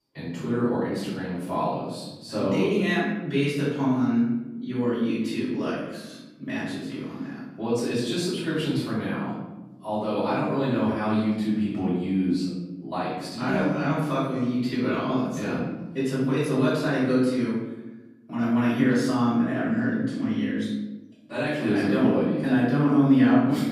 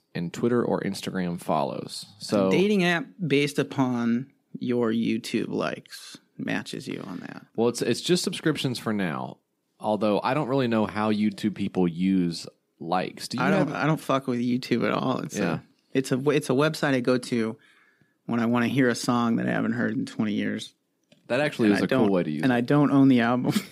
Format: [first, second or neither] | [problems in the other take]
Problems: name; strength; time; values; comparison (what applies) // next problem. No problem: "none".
second | off-mic speech; far // room echo; noticeable; dies away in 1 s